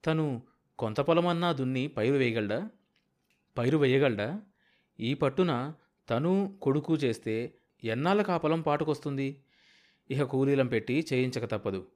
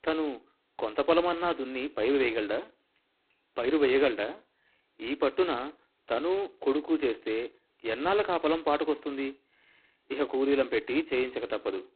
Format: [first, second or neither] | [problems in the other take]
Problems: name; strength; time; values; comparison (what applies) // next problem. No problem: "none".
first | phone-call audio; poor line; nothing above 4 kHz